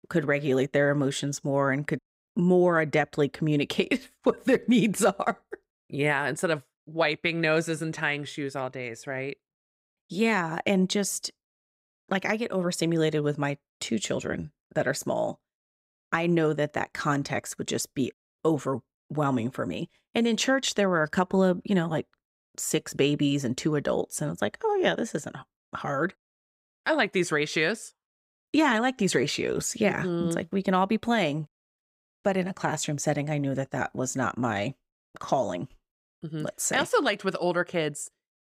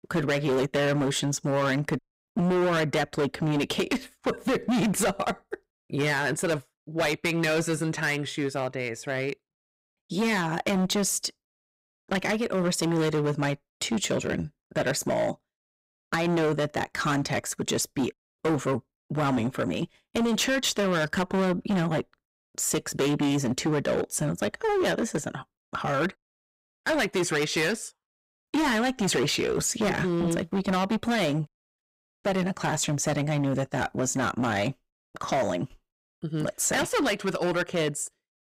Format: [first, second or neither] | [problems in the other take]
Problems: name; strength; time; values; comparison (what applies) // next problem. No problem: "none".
first | distortion; heavy; 16% of the sound clipped